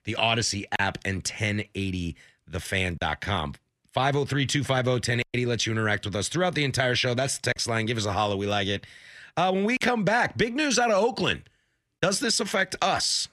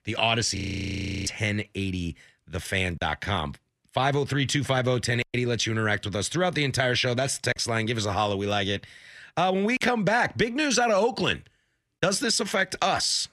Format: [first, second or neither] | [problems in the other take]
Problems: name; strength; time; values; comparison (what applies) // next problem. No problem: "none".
first | audio freezing; at 0.5 s for 0.5 s